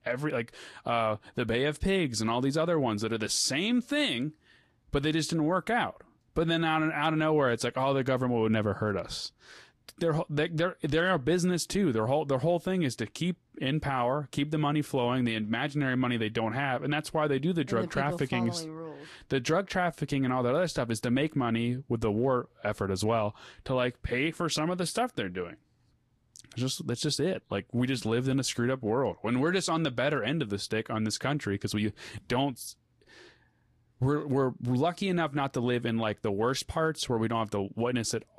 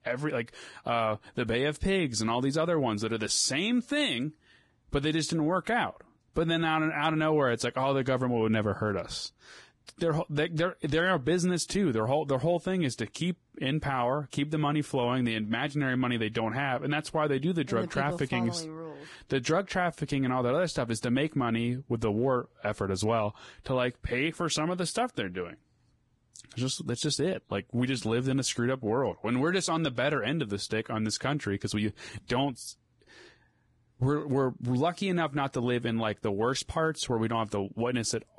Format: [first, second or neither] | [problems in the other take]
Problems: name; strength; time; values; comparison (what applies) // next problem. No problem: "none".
first | garbled, watery; badly; nothing above 10.5 kHz; slightly in the first